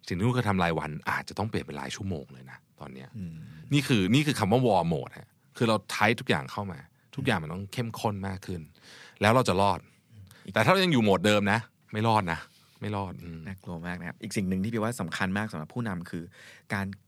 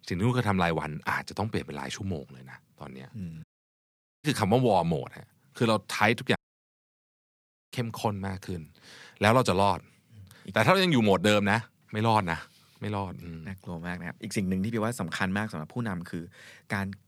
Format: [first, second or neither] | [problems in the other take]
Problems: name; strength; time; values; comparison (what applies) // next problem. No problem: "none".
first | audio cutting out; at 3.5 s for 1 s and at 6.5 s for 1.5 s